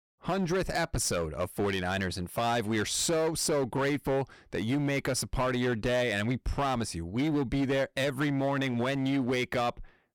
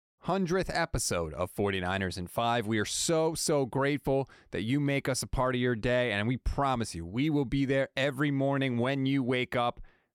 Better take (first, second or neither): second